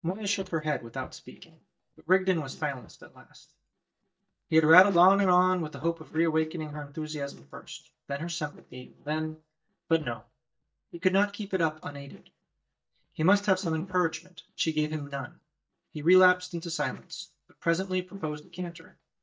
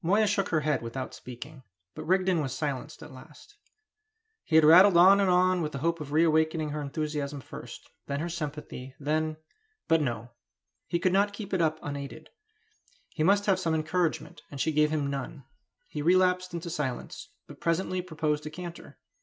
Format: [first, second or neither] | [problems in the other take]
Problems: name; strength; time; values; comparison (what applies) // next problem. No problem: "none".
second | noise reduction (neural mask model DeepFilterNet 3)